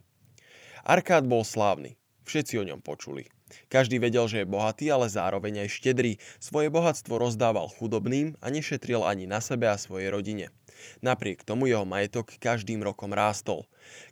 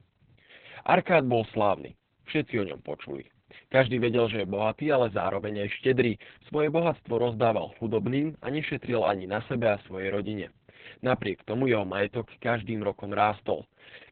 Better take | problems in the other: first | garbled, watery; badly; nothing above 4 kHz

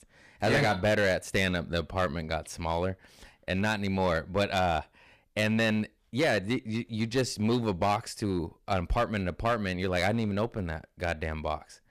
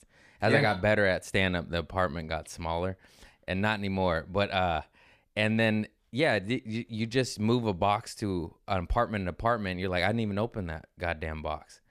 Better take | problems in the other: second | distortion; slight; 5% of the sound clipped

